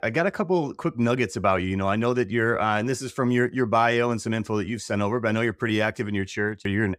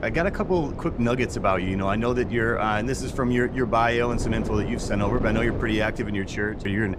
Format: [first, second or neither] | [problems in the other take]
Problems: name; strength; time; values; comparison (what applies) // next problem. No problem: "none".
first | wind noise on the microphone; occasional gusts; 10 dB below the speech